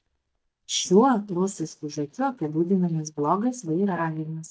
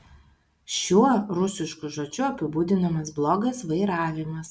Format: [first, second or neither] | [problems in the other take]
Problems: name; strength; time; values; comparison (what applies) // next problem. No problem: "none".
second | noise reduction (neural mask model DeepFilterNet 3)